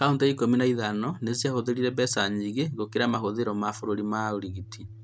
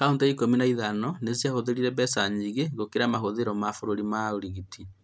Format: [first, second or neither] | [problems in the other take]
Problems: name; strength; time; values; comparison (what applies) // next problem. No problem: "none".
second | background sound (Organ); 18 dB below the speech